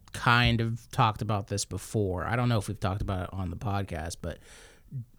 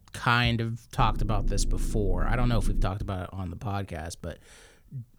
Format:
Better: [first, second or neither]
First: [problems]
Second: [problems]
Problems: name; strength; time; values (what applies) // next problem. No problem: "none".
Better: first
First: none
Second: low rumble; noticeable; from 1 to 3 s; 15 dB below the speech